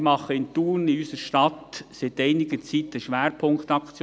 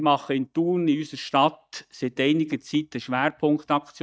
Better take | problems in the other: first | noise reduction (neural mask model DeepFilterNet 3)

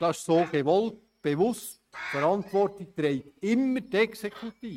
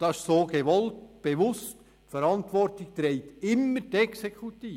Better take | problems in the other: second | noise reduction (neural mask model RNNoise)

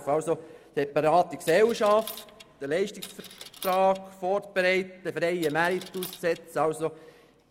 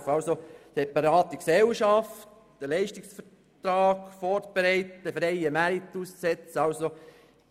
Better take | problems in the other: second | background sound (Coin (dropping)); 18 dB below the speech

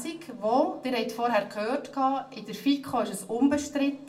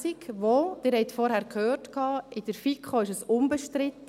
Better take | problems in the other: second | room echo; dies away in 0.3 s

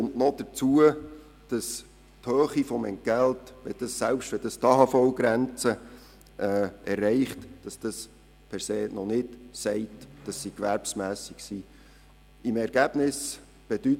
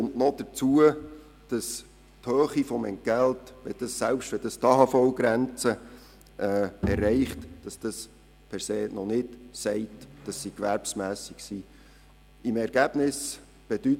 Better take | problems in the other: first | background sound (Bowed string instrument); 7 dB below the speech

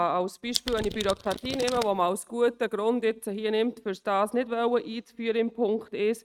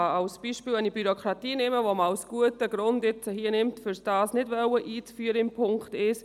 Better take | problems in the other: second | noise reduction (neural mask model RNNoise)

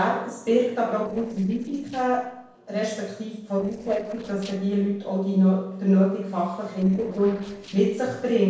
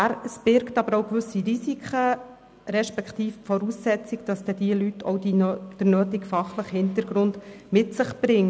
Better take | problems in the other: second | noise reduction (neural separator model SepFormer DNS4)

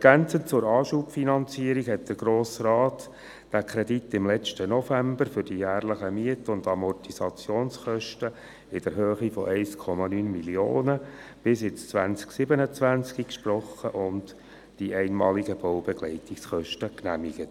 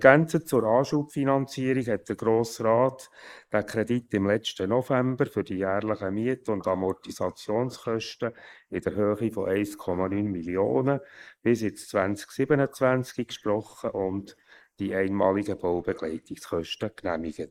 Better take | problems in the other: first | noise reduction (neural mask model Resemble Enhance denoiser)

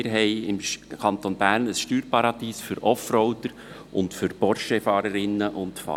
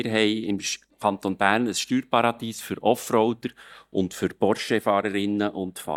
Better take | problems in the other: first | noise reduction (neural mask model DeepFilterNet 3)

